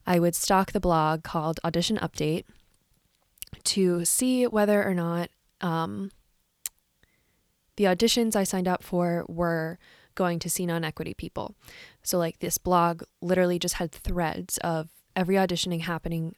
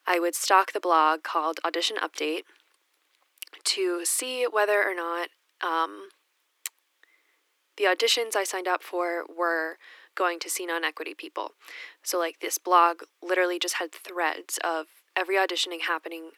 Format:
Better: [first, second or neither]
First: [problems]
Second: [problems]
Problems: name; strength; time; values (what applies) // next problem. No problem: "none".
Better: first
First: none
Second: thin; very; fading below 300 Hz